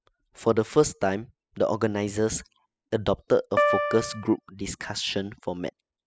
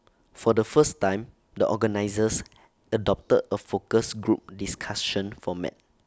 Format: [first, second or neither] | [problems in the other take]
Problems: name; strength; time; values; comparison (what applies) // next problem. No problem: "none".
second | noise reduction (classical method spectral subtraction)